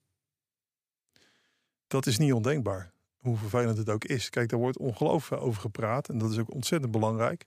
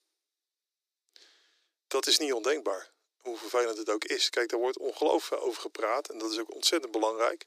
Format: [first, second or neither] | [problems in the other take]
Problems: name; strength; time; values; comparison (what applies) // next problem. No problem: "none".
first | thin; very; fading below 300 Hz